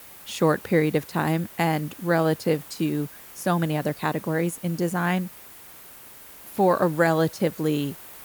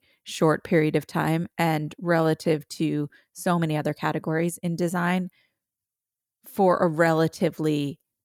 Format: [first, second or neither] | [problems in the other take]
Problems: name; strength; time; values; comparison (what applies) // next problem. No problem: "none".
second | hiss; noticeable; throughout; 15 dB below the speech